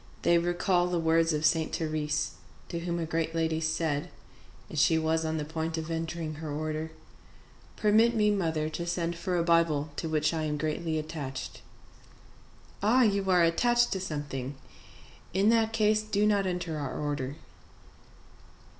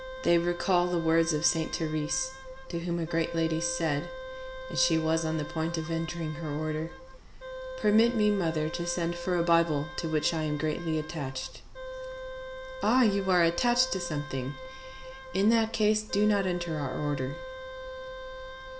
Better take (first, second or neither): first